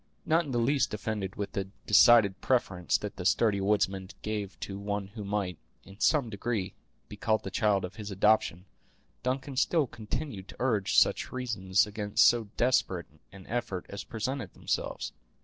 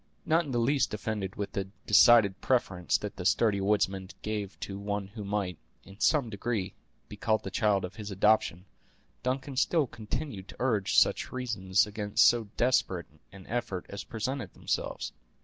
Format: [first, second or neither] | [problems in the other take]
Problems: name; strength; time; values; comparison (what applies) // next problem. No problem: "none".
second | noise reduction (neural separator model SepFormer DNS4)